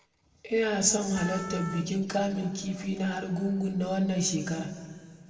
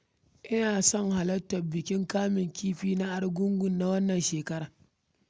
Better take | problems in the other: second | background sound (Wind instrument, woodwind instrument); 13 dB below the speech // room echo; dies away in 2 s

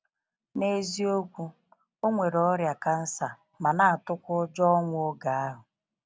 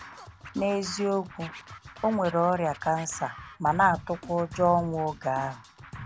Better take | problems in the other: first | background sound (Scratching (performance technique)); 16 dB below the speech

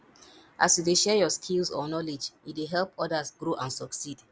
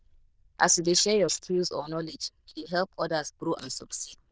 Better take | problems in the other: first | noise reduction (neural diffusion model UNIVERSE++)

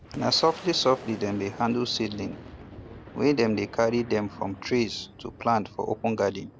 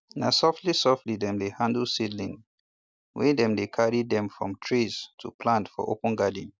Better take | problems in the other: second | background sound (Boom); 16 dB below the speech

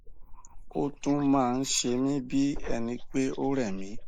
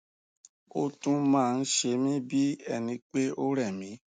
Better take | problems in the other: second | noise reduction (neural mask model Resemble Enhance denoiser)

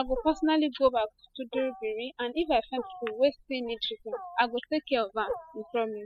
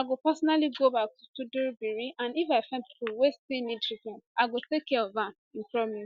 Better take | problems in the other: second | noise reduction (classical method spectral subtraction)

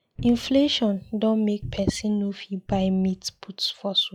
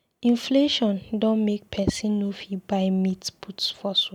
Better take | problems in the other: second | noise reduction (classical method log-MMSE)

